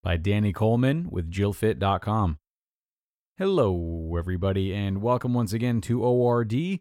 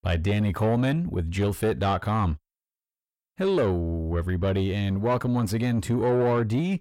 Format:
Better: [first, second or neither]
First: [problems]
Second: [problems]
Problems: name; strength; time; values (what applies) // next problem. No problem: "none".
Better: first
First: none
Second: distortion; slight; 10 dB below the speech